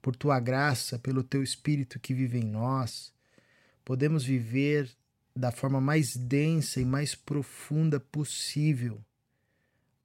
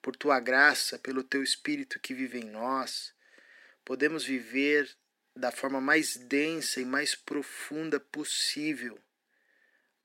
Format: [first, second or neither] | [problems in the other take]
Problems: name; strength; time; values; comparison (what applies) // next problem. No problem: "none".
first | thin; somewhat; fading below 300 Hz